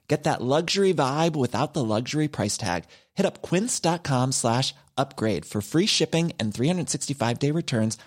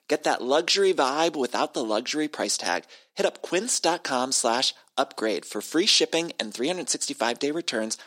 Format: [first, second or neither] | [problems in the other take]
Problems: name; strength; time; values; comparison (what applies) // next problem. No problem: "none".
first | thin; somewhat; fading below 300 Hz